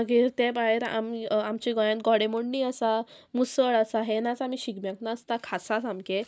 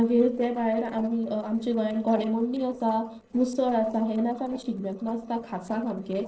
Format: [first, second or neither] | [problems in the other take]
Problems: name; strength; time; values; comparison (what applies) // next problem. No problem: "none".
first | noise reduction (neural separator model SepFormer DNS4)